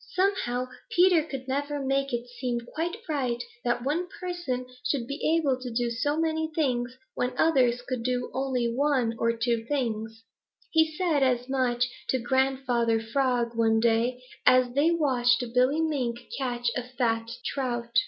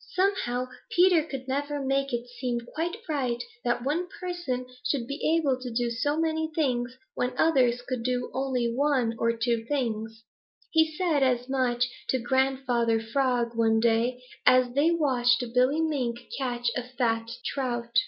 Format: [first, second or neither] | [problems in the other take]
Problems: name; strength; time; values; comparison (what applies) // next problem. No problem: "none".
first | noise reduction (neural mask model Resemble Enhance denoiser)